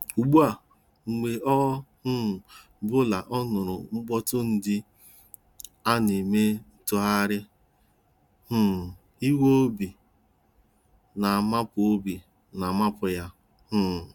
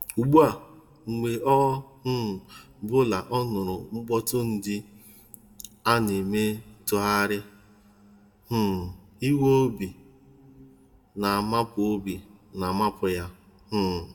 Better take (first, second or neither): first